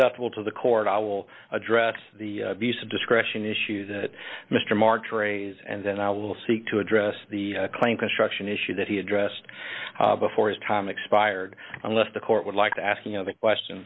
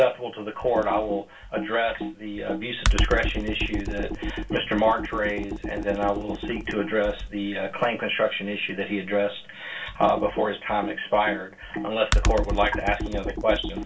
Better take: first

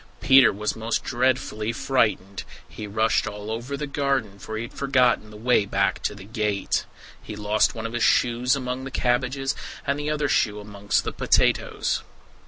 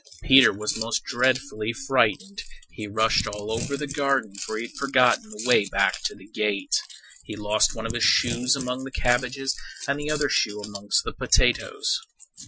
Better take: first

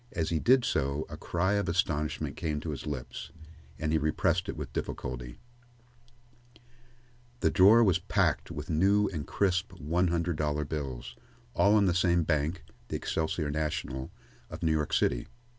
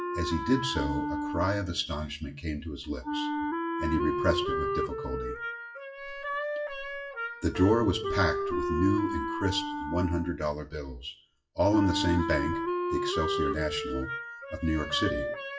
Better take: first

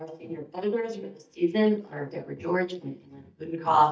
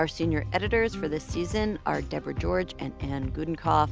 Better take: second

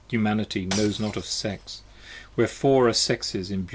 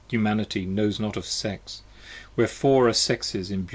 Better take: second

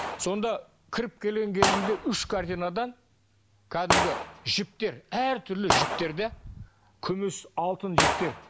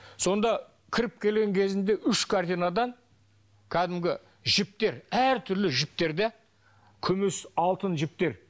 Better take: second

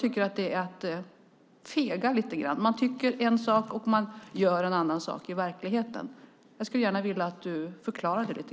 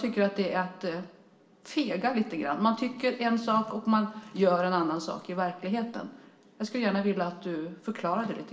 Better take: first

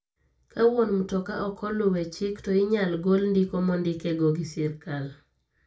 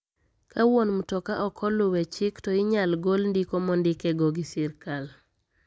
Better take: second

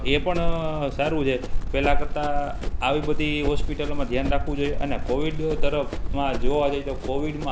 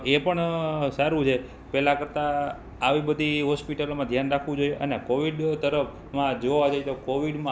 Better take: second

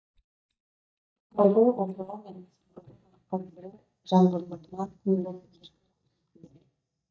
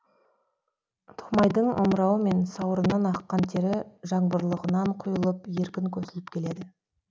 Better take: second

